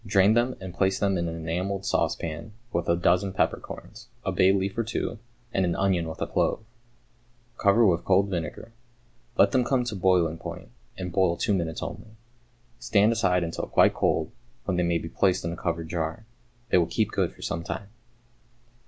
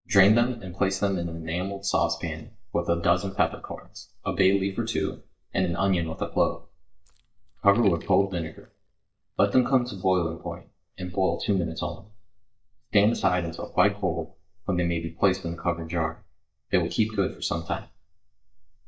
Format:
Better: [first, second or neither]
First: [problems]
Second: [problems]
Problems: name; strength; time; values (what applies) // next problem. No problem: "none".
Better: first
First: none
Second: noise reduction (neural mask model DeepFilterNet 3)